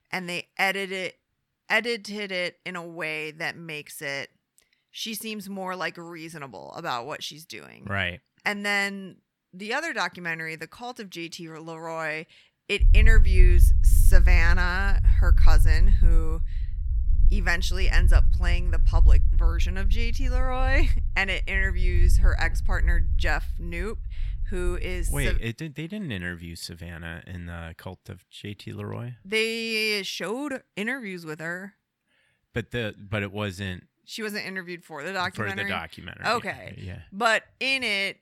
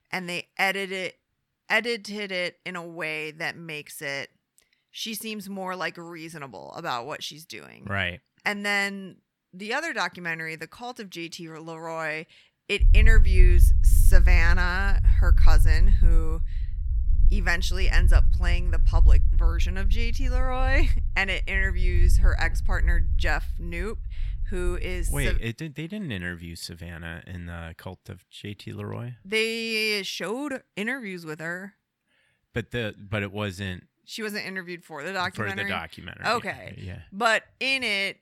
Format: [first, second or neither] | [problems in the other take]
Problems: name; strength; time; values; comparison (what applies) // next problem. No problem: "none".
neither | low rumble; noticeable; from 13 to 25 s; 15 dB below the speech; the same in both